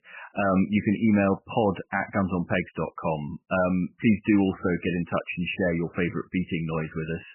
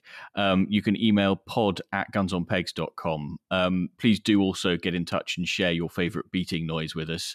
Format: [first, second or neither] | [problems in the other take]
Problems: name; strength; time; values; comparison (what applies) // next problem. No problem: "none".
second | garbled, watery; badly; nothing above 3 kHz